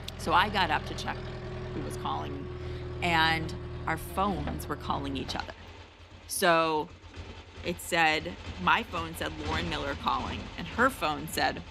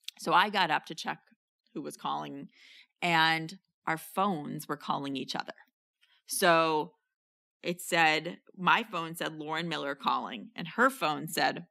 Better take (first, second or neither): second